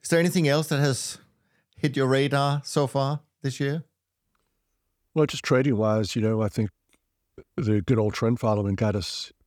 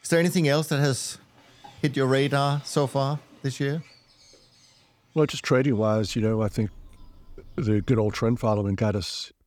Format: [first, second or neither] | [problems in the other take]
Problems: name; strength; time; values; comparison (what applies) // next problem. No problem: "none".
first | animal sounds; faint; throughout; 25 dB below the speech